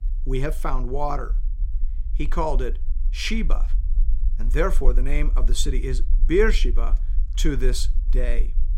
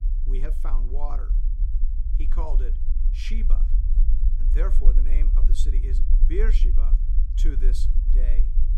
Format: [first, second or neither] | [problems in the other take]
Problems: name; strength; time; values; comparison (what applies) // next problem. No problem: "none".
first | low rumble; loud; throughout; 8 dB below the speech; faint in the first